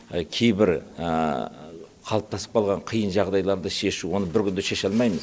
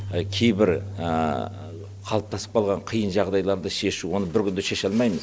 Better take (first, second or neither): first